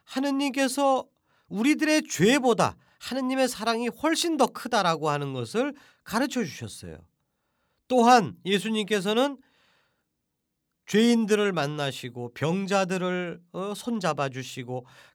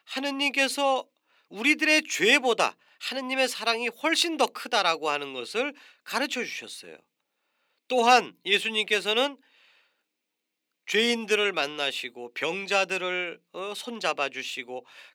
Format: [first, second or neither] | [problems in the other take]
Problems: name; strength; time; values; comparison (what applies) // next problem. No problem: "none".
first | thin; somewhat; fading below 300 Hz